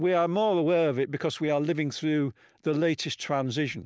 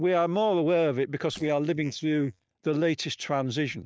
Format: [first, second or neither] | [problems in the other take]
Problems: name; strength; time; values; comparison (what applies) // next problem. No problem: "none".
first | noise reduction (neural mask model DeepFilterNet 3)